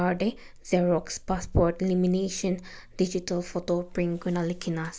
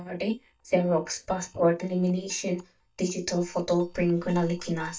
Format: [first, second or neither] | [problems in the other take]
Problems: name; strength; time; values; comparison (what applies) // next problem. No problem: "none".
first | noise reduction (neural mask model DeepFilterNet 3)